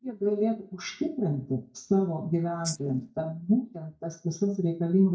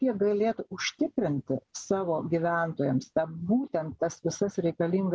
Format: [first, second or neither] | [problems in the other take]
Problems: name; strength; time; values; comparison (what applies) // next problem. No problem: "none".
second | noise reduction (neural mask model DeepFilterNet 3)